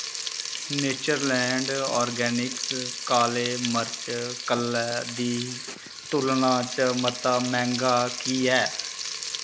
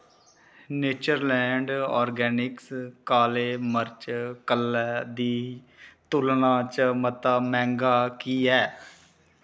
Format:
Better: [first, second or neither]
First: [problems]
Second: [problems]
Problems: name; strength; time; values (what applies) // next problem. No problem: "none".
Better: second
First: background sound (Frying (food)); 6 dB below the speech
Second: none